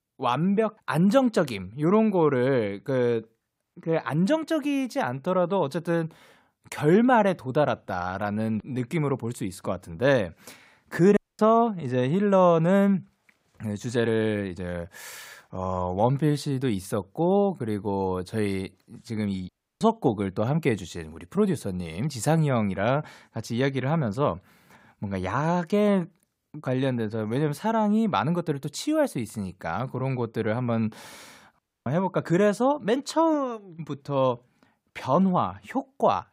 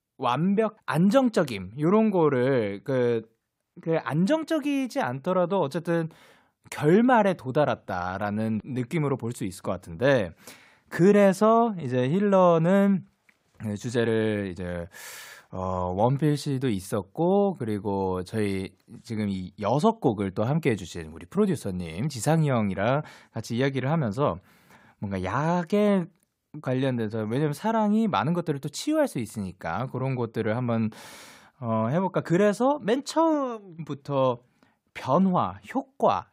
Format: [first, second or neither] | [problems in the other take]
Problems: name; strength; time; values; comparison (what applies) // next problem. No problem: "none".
second | audio cutting out; at 11 s, at 19 s and at 32 s